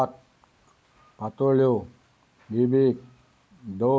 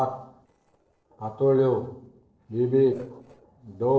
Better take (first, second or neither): first